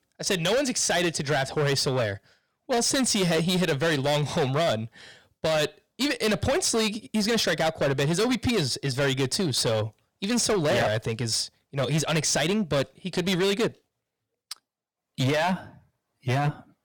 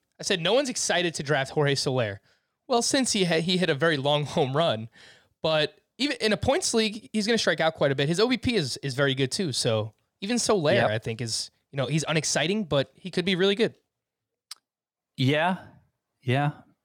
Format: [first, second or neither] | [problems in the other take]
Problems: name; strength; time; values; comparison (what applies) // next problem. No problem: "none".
second | distortion; heavy; 16% of the sound clipped